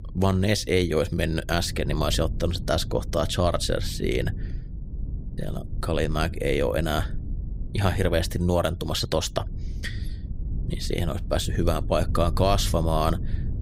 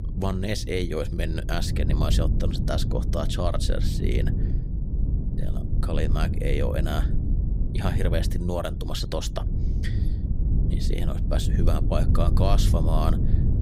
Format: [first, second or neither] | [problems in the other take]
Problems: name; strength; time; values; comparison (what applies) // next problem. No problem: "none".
first | low rumble; loud; throughout; 8 dB below the speech; faint in the first